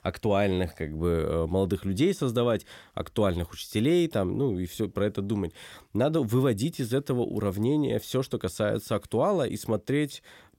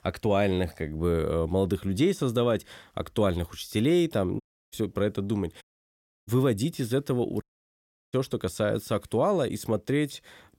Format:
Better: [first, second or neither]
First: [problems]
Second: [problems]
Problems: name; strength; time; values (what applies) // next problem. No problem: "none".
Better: first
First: none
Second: audio cutting out; at 4.5 s, at 5.5 s for 0.5 s and at 7.5 s for 0.5 s